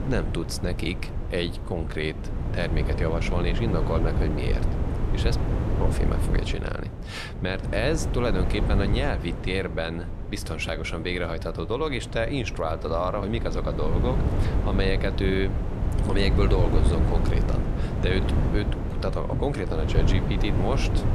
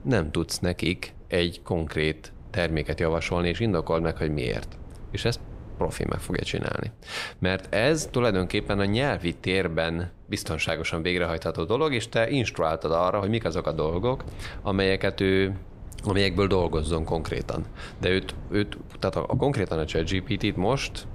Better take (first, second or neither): second